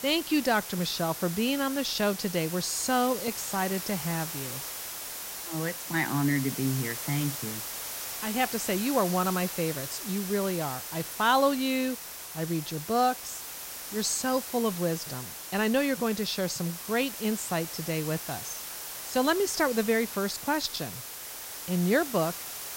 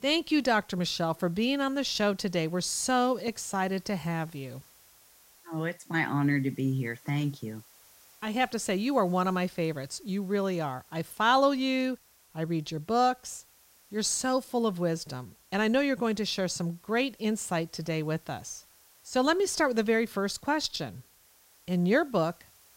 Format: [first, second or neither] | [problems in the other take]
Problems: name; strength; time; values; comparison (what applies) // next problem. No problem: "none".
second | hiss; loud; throughout; 7 dB below the speech; faint in the second